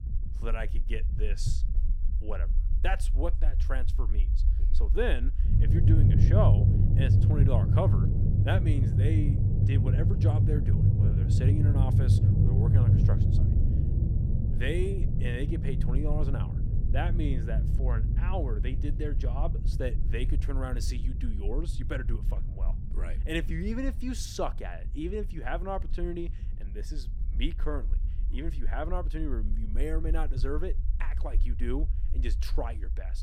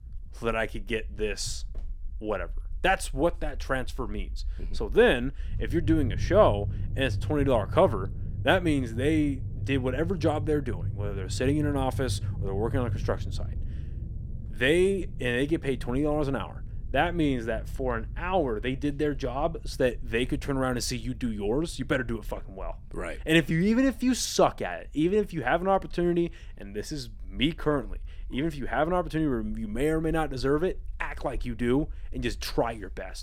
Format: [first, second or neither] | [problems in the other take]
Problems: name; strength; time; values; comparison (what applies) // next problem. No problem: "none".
second | low rumble; loud; throughout; 2 dB below the speech; faint in the second